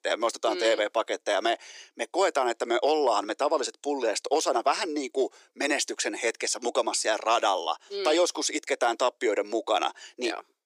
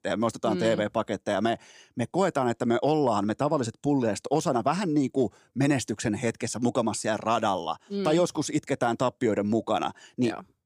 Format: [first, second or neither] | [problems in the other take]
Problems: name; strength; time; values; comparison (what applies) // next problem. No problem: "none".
second | thin; very; fading below 350 Hz